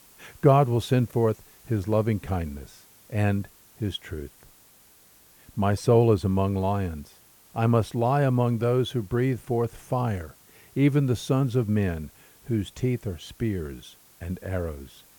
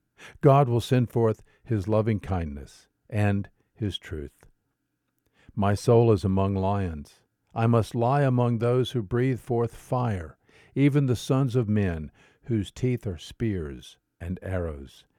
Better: second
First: hiss; faint; throughout; 25 dB below the speech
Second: none

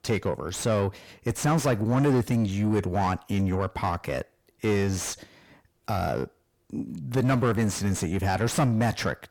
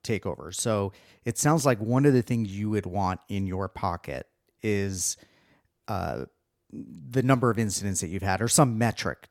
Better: second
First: distortion; heavy; 6 dB below the speech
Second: none

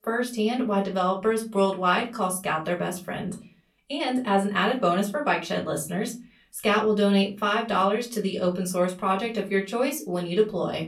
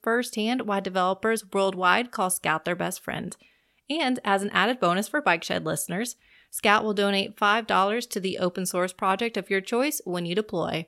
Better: second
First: off-mic speech; far // room echo; very slight; dies away in 0.3 s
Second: none

